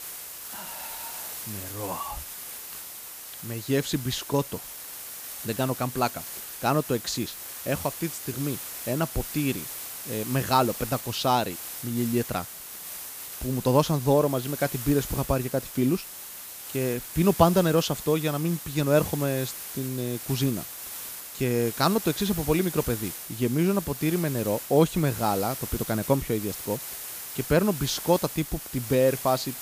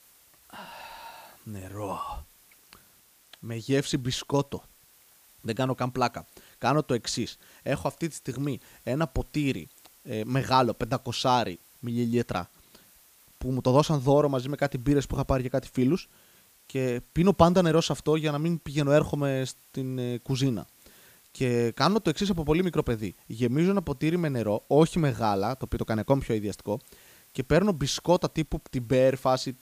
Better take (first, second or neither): second